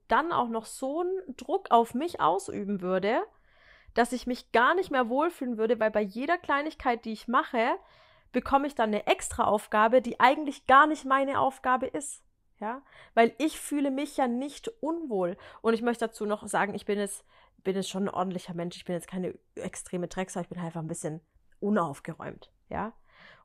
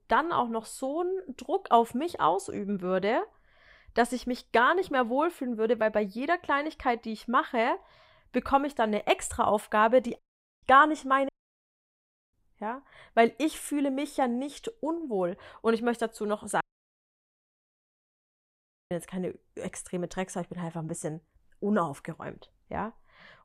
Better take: first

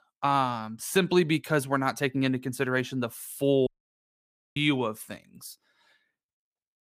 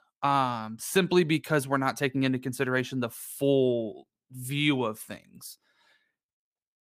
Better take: second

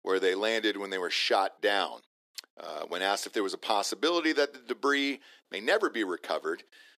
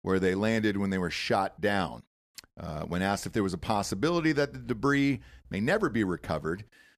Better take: second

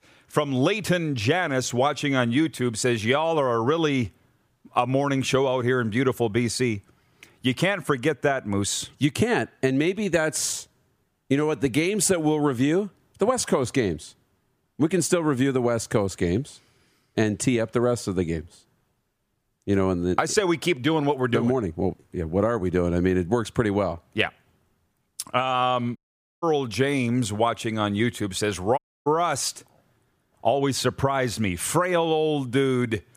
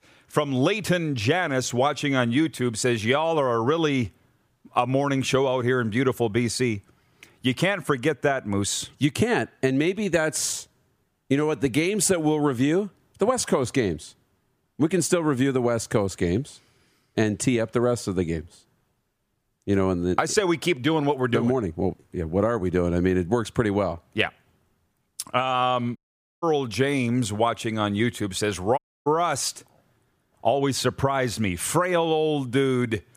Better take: neither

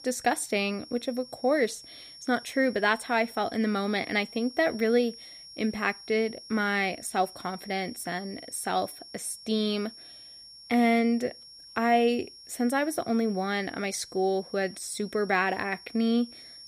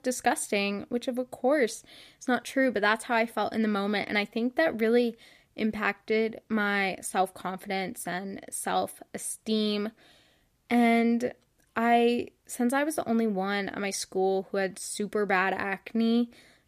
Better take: second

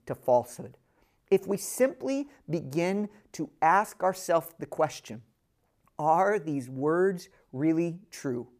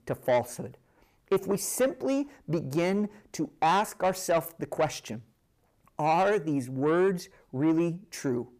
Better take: first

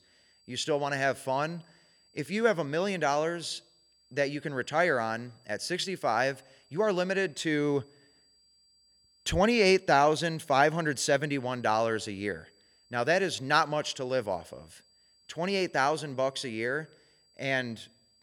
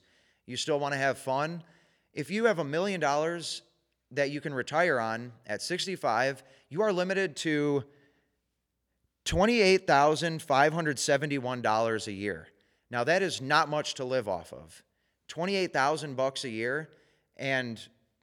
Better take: second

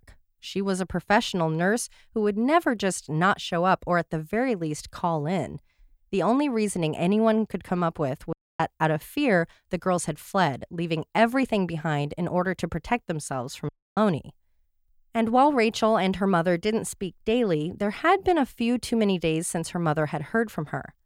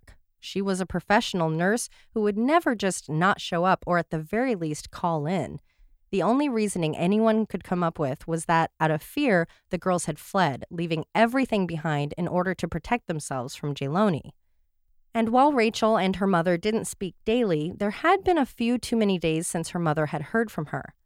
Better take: second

